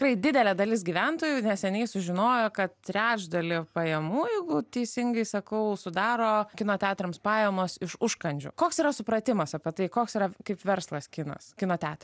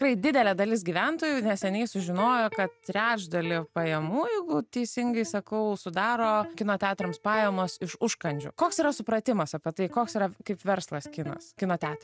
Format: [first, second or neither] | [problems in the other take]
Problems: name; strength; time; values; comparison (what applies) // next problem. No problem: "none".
first | noise reduction (neural mask model RNNoise)